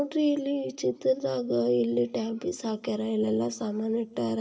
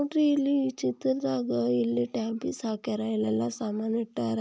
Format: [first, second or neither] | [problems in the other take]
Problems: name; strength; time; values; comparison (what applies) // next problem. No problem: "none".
second | room echo; dies away in 0.2 s